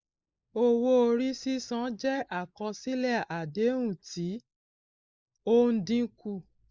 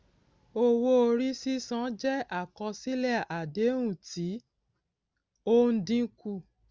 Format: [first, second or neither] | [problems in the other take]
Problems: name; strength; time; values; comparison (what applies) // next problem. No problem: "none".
second | noise reduction (neural mask model Resemble Enhance denoiser)